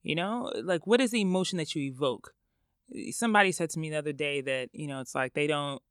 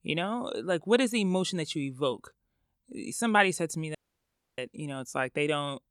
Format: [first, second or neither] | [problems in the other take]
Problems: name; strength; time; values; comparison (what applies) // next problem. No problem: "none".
first | audio cutting out; at 4 s for 0.5 s